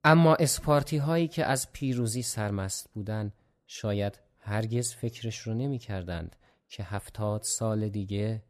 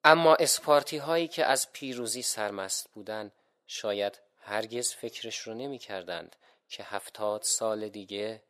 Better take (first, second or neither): first